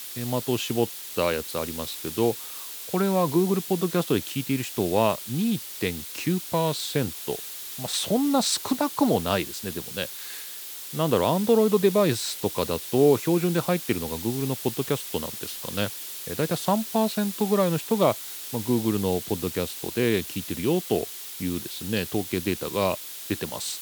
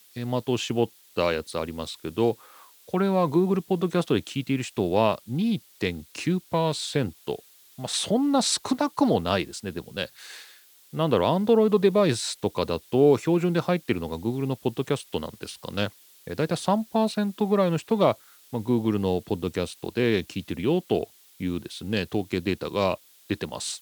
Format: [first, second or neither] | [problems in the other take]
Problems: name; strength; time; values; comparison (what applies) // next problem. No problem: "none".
second | hiss; loud; throughout; 8 dB below the speech; faint in the second